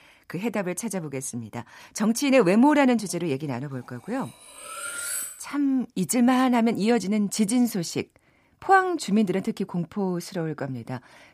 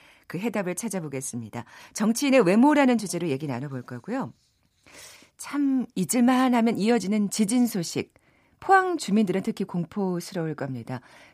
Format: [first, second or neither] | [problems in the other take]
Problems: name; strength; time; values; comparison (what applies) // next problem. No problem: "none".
second | clattering dishes; noticeable; from 4.5 to 5.5 s; peak 4 dB below the speech